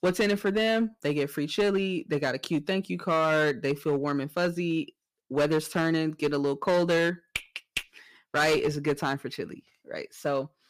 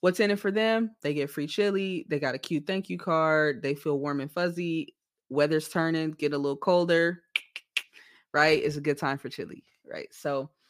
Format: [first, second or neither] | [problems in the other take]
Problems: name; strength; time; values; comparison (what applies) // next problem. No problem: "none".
second | distortion; slight; 7% of the sound clipped